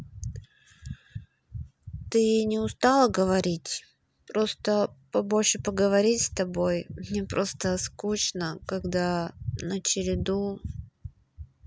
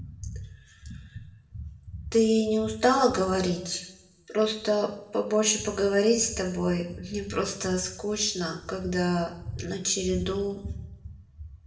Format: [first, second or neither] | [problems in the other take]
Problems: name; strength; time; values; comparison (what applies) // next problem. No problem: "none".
first | room echo; dies away in 0.9 s